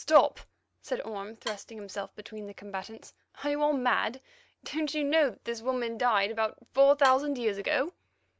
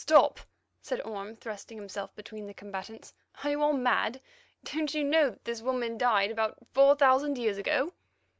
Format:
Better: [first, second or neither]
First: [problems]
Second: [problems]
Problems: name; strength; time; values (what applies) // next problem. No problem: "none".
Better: second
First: background sound (Wood); 16 dB below the speech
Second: none